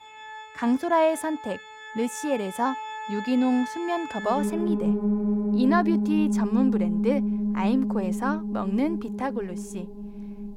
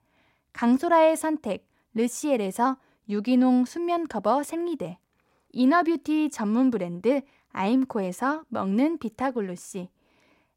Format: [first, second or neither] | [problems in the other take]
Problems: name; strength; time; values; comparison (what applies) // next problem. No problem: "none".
second | background music; loud; throughout; 1 dB below the speech